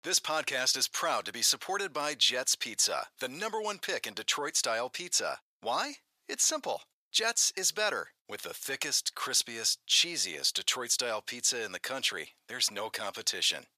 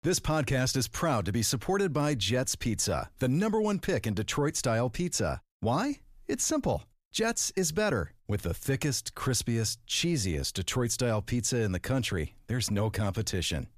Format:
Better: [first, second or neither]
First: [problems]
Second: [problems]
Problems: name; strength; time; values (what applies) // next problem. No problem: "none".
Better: second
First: thin; very; fading below 700 Hz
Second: none